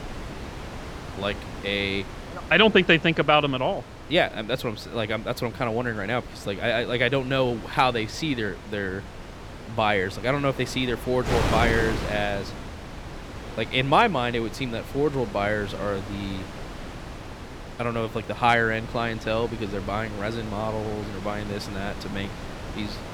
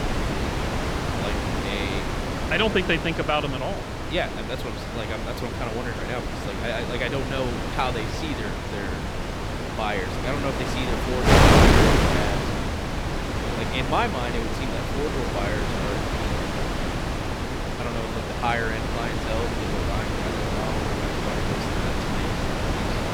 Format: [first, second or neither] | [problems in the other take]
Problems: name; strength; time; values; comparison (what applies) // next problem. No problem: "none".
first | wind noise on the microphone; heavy; 2 dB above the speech; occasional gusts in the first